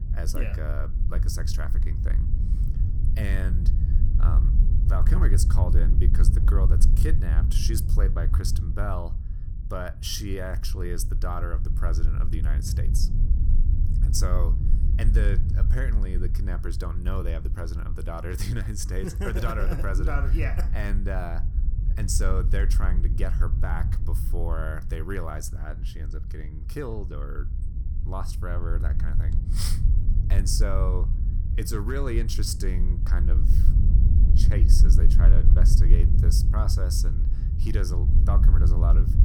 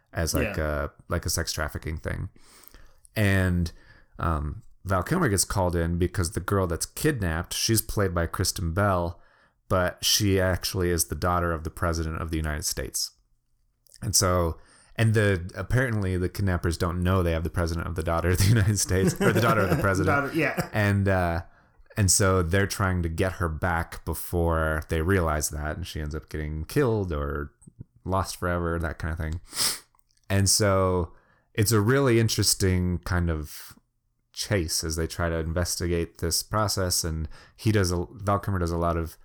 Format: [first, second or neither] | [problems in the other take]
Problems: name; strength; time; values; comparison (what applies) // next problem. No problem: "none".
second | wind noise on the microphone; heavy; 7 dB below the speech